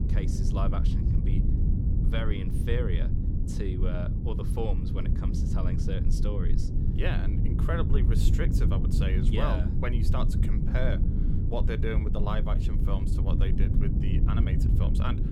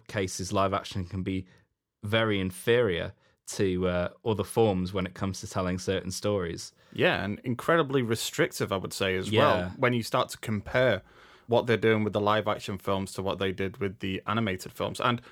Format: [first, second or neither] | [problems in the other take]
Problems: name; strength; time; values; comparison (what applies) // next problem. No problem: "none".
second | low rumble; loud; throughout; 3 dB below the speech